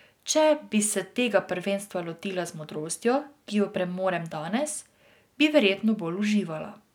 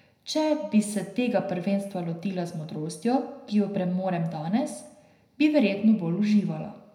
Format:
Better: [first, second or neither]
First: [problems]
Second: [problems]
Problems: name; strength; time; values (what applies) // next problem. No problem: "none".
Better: first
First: none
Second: room echo; dies away in 0.7 s